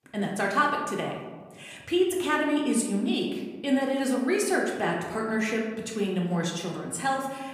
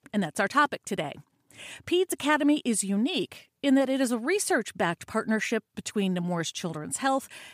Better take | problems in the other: second | room echo; noticeable; dies away in 1.1 s // off-mic speech; somewhat distant

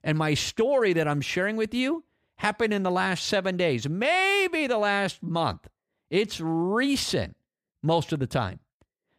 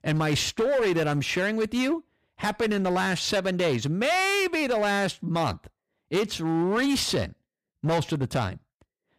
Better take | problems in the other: first | distortion; slight; 13% of the sound clipped

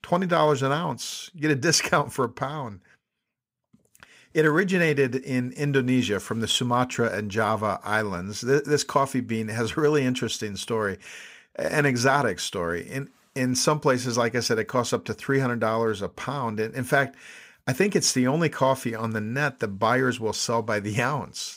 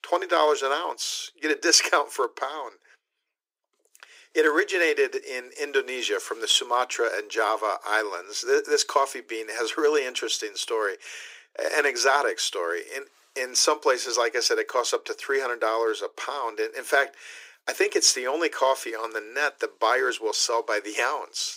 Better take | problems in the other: first | thin; very; fading below 300 Hz

